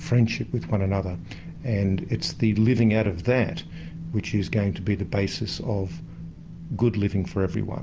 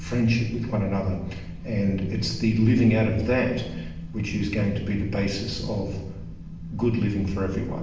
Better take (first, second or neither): first